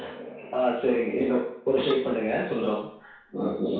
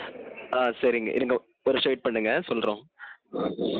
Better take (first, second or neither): second